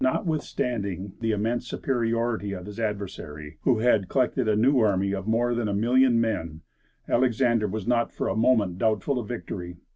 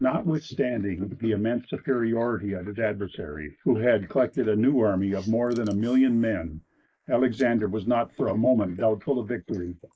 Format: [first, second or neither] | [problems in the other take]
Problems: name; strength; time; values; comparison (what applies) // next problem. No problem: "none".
first | noise reduction (neural mask model Resemble Enhance denoiser)